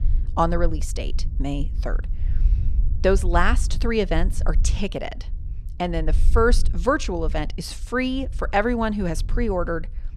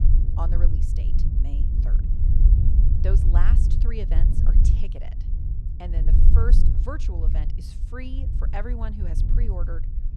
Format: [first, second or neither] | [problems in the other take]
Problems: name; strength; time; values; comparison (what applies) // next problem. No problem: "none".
first | low rumble; loud; throughout; 2 dB below the speech; faint in the first